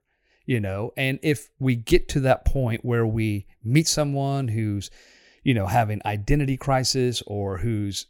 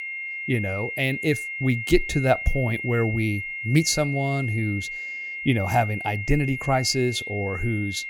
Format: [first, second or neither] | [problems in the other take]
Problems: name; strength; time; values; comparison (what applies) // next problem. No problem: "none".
first | high-pitched whine; loud; throughout; 2 kHz, 6 dB below the speech